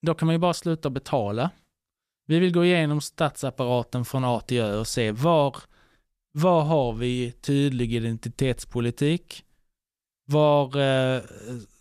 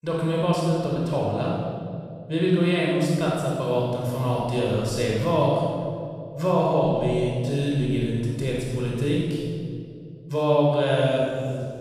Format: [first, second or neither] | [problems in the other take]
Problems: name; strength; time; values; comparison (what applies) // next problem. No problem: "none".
first | off-mic speech; far // room echo; strong; dies away in 2 s